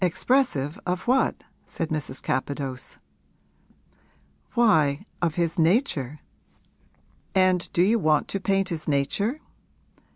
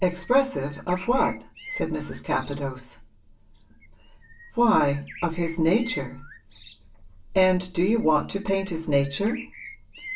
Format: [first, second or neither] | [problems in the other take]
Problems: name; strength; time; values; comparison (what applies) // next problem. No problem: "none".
first | background sound (Bird); 18 dB below the speech // room echo; dies away in 0.3 s